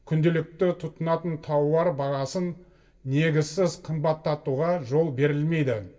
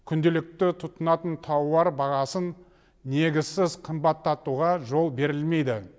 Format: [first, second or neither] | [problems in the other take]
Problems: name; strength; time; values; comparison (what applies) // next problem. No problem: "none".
second | room echo; dies away in 0.2 s